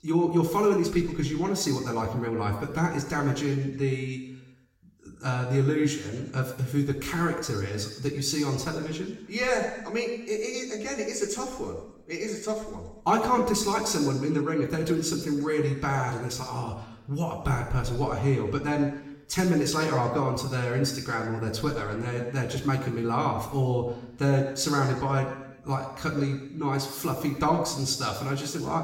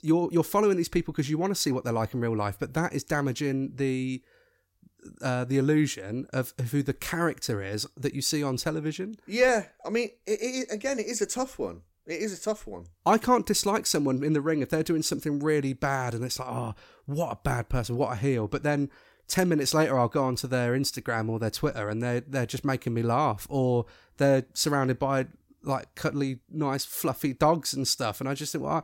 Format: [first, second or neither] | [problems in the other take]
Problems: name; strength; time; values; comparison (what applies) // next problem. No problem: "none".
second | room echo; noticeable; dies away in 0.9 s // off-mic speech; somewhat distant